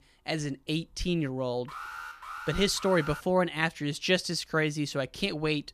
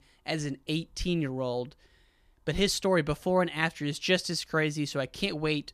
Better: second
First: alarm; noticeable; from 1.5 to 3 s; peak 10 dB below the speech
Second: none

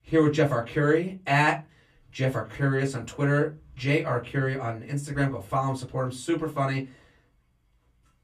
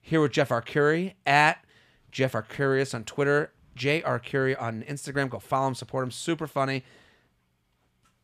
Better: second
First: off-mic speech; far // room echo; very slight; dies away in 0.2 s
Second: none

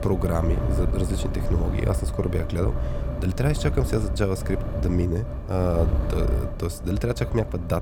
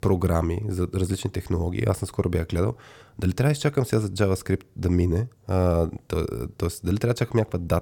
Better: second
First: wind noise on the microphone; heavy; 6 dB below the speech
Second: none

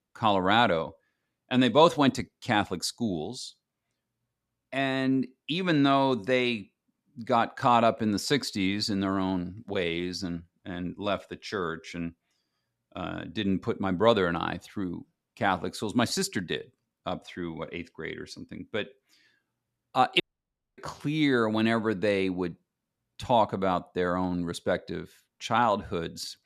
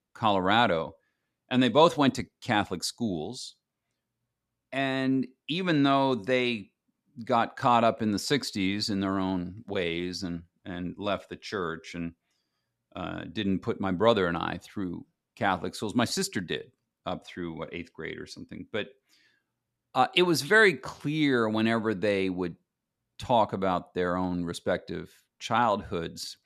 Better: second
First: audio cutting out; at 20 s for 0.5 s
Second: none

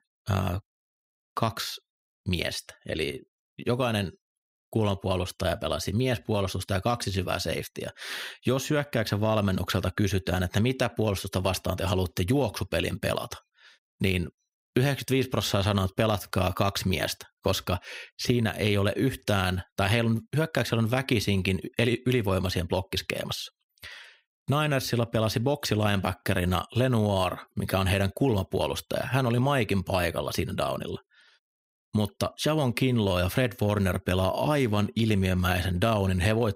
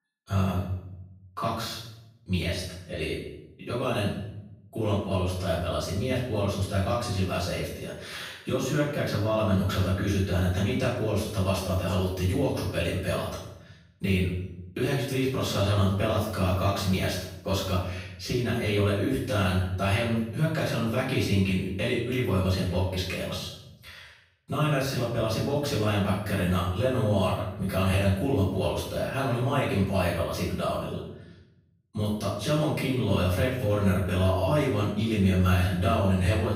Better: first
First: none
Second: room echo; noticeable; dies away in 0.7 s // off-mic speech; far

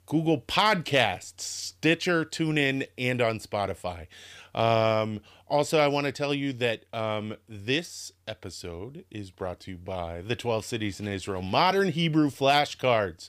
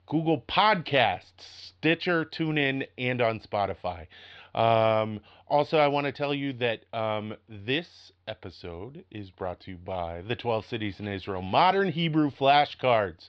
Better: first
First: none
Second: muffled; slightly; fading above 4 kHz

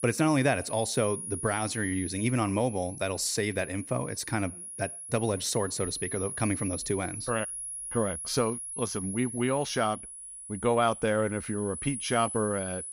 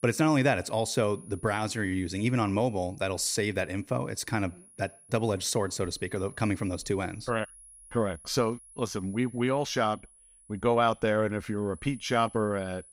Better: second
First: high-pitched whine; loud; throughout; 10.5 kHz, 7 dB below the speech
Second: high-pitched whine; faint; throughout; 10.5 kHz, 20 dB below the speech

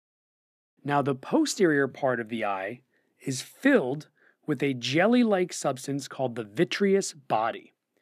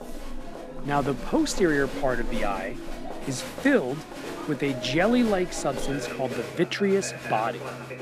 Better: first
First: none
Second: crowd noise; loud; throughout; 10 dB below the speech

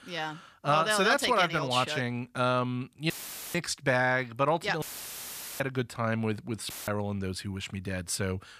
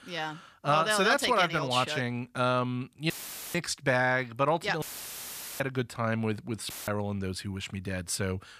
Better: neither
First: audio cutting out; filled with static; at 3 s, at 5 s for 1 s and at 6.5 s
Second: audio cutting out; filled with static; at 3 s, at 5 s for 1 s and at 6.5 s

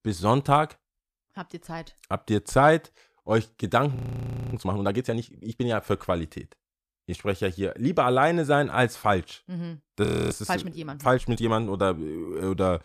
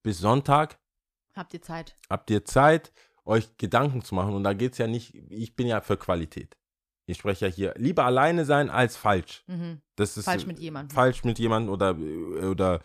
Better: second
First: audio freezing; at 4 s for 0.5 s and at 10 s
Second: none

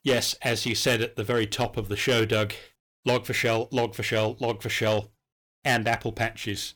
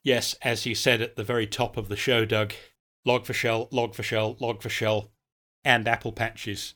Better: second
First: distortion; slight; 5% of the sound clipped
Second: none

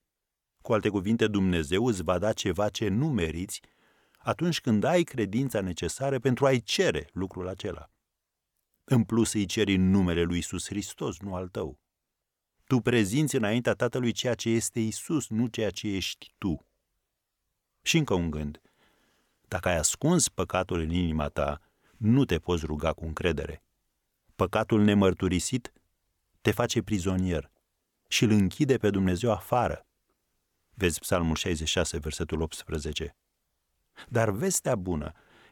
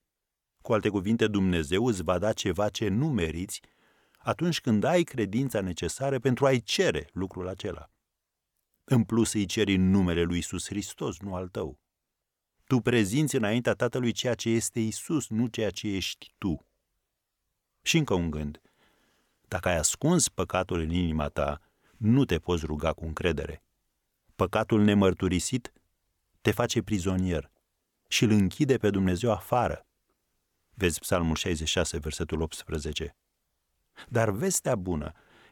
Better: neither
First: none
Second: none

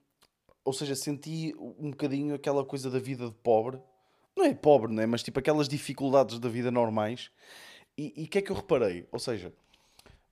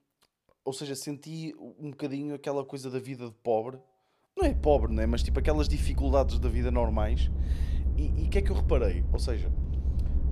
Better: first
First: none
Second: low rumble; noticeable; from 4.5 s on; 15 dB below the speech

